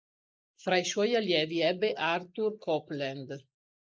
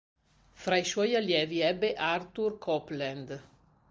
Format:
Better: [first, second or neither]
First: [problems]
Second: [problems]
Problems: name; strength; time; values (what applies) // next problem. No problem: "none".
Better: second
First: noise reduction (neural mask model Resemble Enhance denoiser)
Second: none